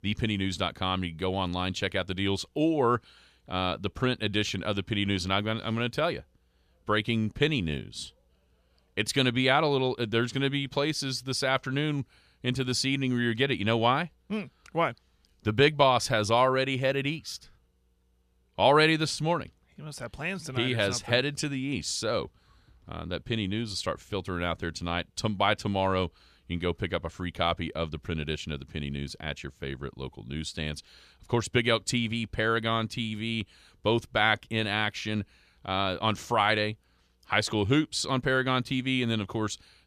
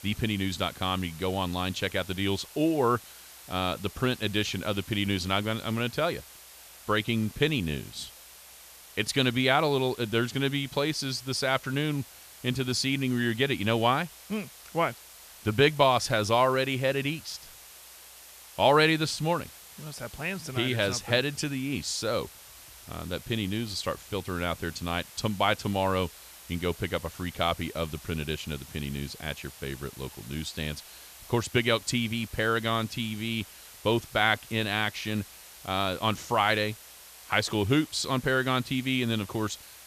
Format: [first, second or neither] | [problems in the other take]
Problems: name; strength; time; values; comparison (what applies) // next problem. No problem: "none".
first | hiss; noticeable; throughout; 20 dB below the speech